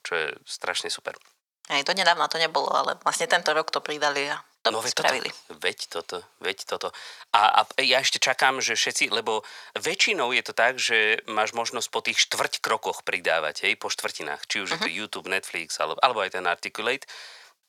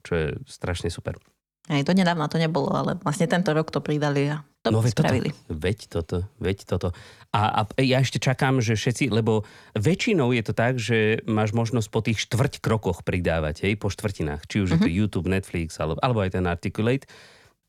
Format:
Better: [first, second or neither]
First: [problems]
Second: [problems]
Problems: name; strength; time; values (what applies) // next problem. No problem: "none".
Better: second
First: thin; very; fading below 850 Hz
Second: none